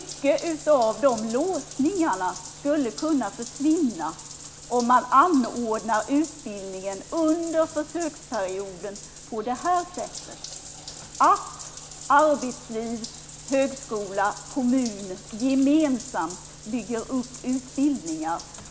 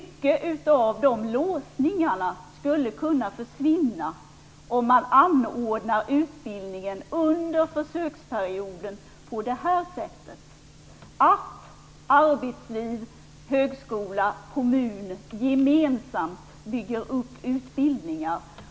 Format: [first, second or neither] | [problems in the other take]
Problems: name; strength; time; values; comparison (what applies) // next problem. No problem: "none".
second | background sound (Bathtub (filling or washing)); 16 dB below the speech